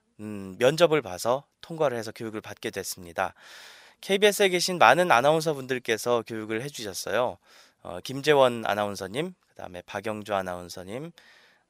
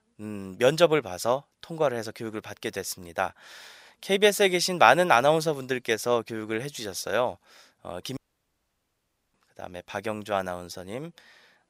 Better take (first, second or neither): first